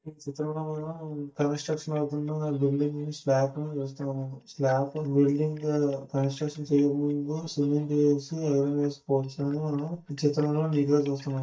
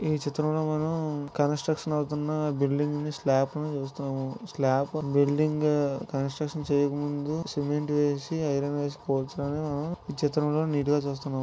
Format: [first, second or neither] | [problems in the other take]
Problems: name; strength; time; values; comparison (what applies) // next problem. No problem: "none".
second | noise reduction (neural mask model DeepFilterNet 3)